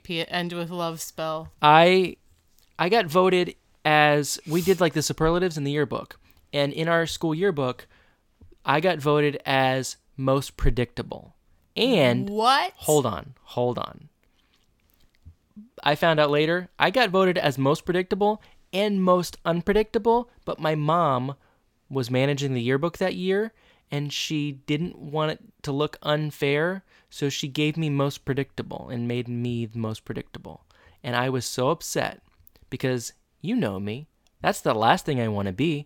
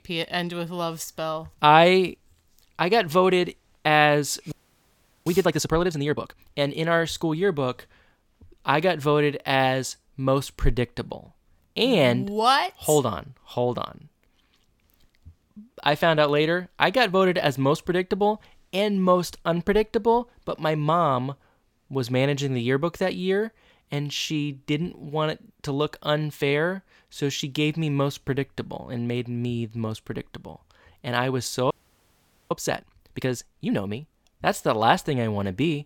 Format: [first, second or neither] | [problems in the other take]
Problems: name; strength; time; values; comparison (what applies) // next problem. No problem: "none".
first | audio freezing; at 4.5 s for 0.5 s and at 32 s for 1 s